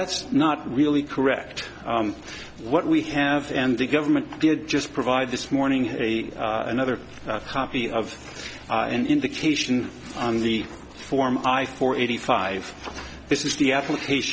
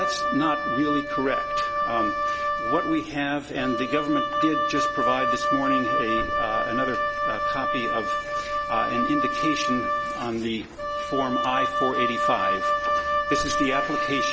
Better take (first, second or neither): first